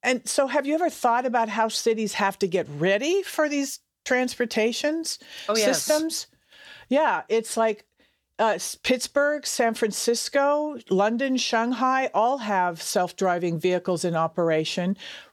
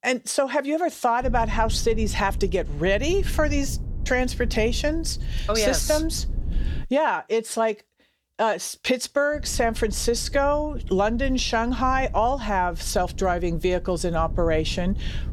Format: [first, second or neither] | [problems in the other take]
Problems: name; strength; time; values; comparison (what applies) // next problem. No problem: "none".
first | low rumble; faint; from 1 to 7 s and from 9.5 s on; 25 dB below the speech